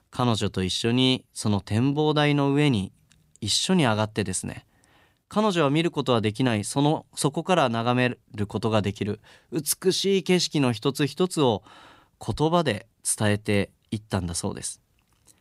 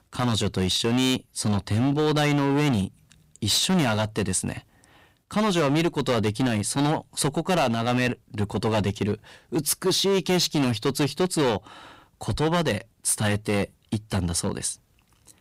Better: first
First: none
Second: distortion; heavy; 12% of the sound clipped

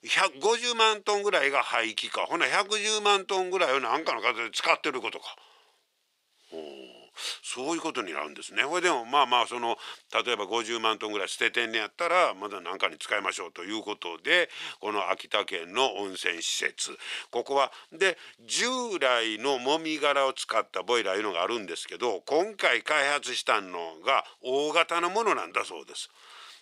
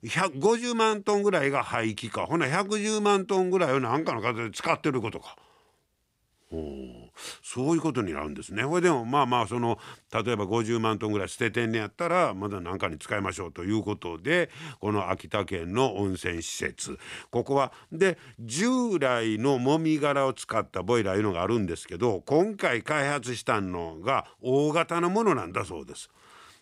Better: second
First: thin; very; fading below 550 Hz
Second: none

